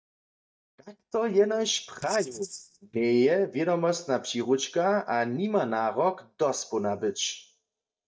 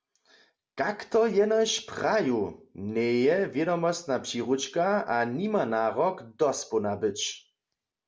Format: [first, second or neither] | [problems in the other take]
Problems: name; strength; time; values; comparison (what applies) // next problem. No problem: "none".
second | noise reduction (neural mask model DeepFilterNet 3)